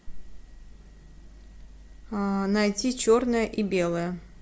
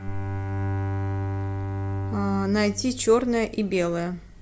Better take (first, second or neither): first